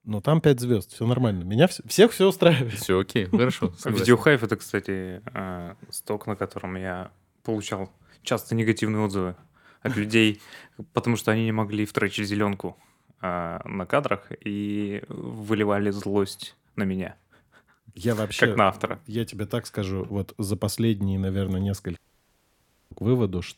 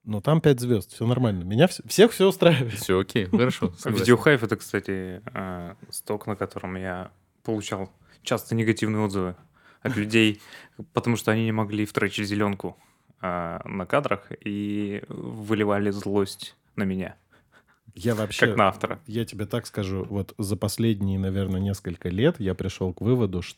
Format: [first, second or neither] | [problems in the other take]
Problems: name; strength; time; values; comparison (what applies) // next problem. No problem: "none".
second | audio cutting out; at 22 s for 1 s